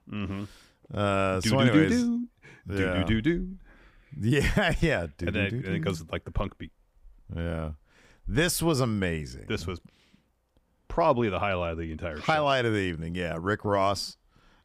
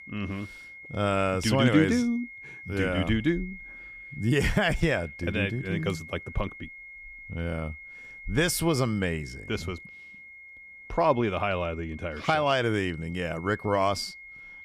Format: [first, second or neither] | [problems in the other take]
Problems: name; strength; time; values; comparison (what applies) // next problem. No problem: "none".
first | high-pitched whine; noticeable; throughout; 2 kHz, 15 dB below the speech